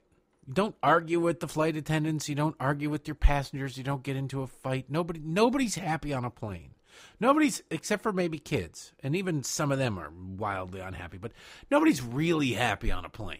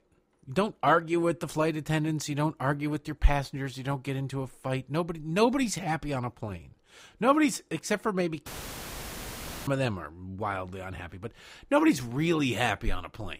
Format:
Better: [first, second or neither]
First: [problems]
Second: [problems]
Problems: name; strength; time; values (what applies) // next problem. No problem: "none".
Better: first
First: none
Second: audio cutting out; filled with static; at 8.5 s for 1 s